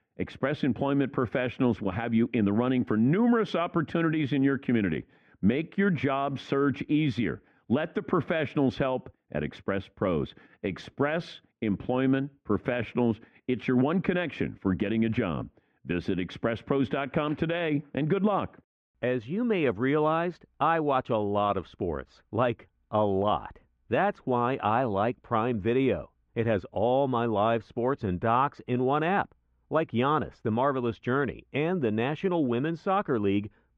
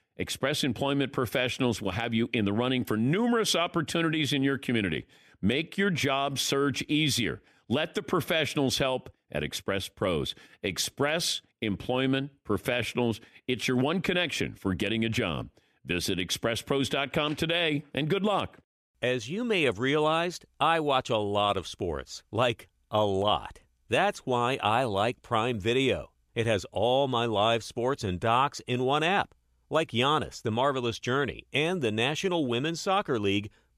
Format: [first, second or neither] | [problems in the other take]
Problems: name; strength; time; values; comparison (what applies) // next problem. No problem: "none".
second | muffled; very; fading above 1.5 kHz